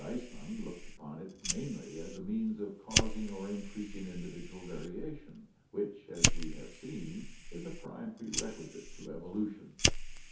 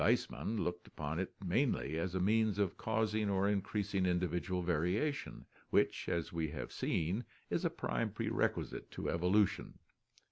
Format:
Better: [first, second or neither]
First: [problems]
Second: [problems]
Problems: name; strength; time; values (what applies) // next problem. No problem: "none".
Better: second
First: background sound (Fire); 3 dB above the speech // room echo; dies away in 0.5 s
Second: none